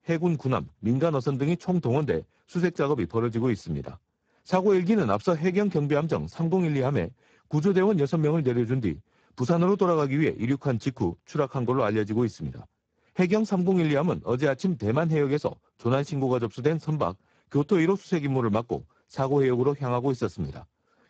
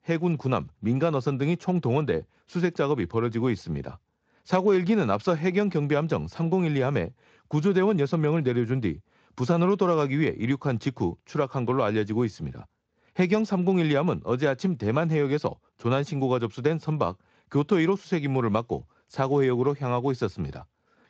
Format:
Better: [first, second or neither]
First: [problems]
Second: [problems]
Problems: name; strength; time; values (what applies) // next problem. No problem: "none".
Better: second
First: garbled, watery; badly; nothing above 7.5 kHz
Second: garbled, watery; slightly